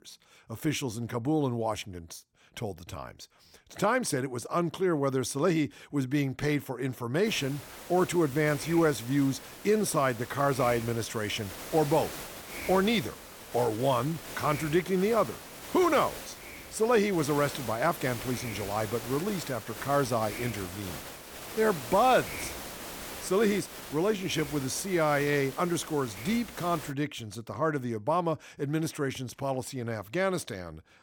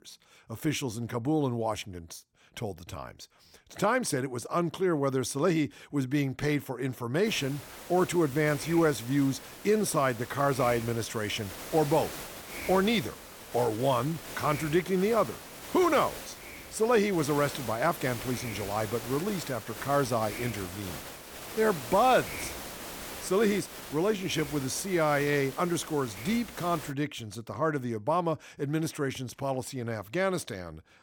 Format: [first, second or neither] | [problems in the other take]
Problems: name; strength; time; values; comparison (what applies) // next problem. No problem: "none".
neither | hiss; noticeable; from 7.5 to 27 s; 10 dB below the speech; the same in both